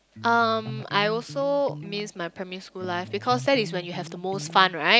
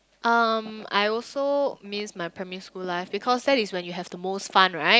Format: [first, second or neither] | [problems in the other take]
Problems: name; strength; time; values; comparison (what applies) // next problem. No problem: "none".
second | background sound (Electric guitar); 14 dB below the speech